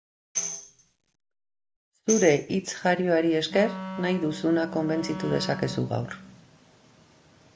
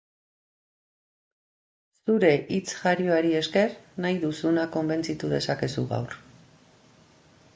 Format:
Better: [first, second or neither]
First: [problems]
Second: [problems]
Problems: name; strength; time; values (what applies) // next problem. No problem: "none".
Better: second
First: background sound (Tambourine + Wind instrument, woodwind instrument); 10 dB below the speech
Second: none